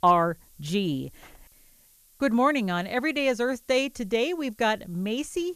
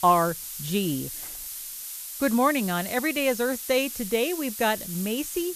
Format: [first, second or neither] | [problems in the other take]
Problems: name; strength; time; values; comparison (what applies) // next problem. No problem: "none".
first | hiss; loud; throughout; 8 dB below the speech; faint in the first